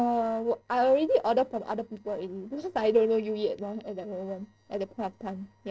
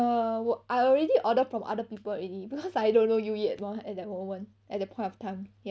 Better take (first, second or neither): second